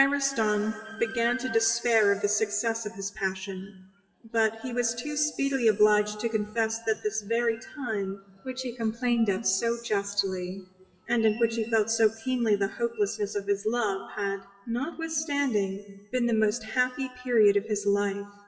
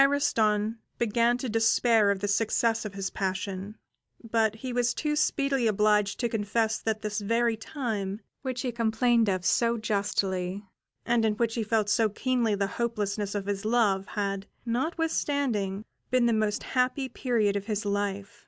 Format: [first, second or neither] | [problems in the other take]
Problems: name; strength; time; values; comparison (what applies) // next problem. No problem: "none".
second | noise reduction (classical method WPE with log-MMSE)